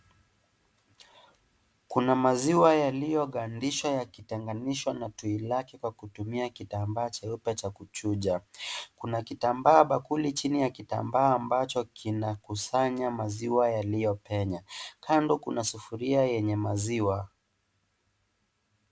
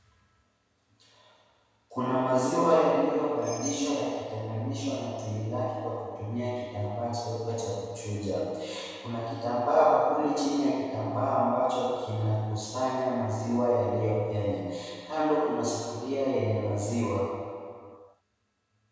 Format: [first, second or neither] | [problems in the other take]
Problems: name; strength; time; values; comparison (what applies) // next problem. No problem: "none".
first | background sound (Bell); 13 dB below the speech // room echo; dies away in 1.9 s